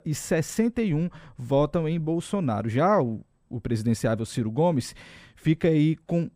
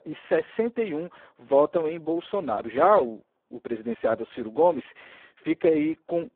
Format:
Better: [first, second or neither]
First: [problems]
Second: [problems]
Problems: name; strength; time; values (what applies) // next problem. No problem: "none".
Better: first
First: none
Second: phone-call audio; poor line